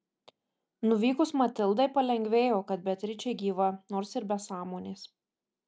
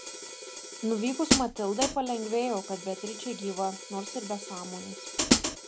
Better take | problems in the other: first | background sound (Hi-hat); as loud as the speech

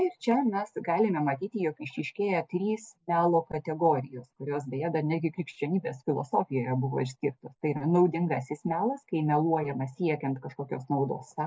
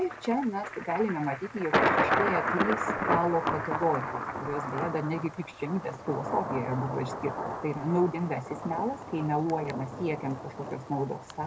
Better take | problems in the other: first | background sound (Thunder); 1 dB below the speech

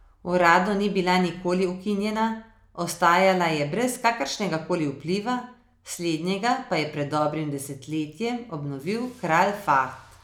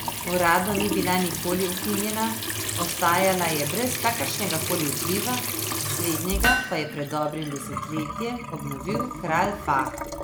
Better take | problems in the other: first | background sound (Trickle, dribble / Sink (filling or washing) / Water tap, faucet + Hammer); 2 dB below the speech

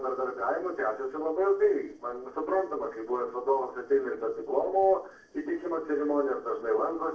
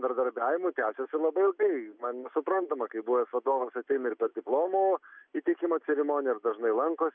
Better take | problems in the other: second | noise reduction (neural separator model SepFormer DNS4)

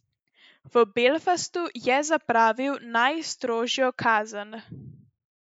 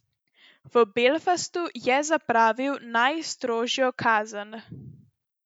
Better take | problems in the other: second | noise reduction (neural mask model Resemble Enhance denoiser)

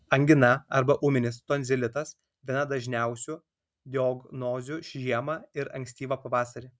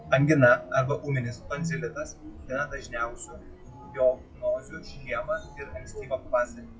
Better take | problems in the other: first | noise reduction (classical method WPE with log-MMSE)

